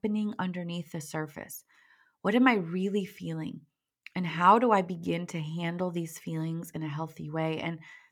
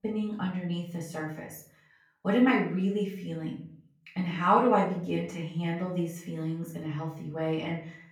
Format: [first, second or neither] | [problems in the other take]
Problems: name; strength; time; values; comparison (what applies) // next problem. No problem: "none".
first | off-mic speech; far // room echo; noticeable; dies away in 0.5 s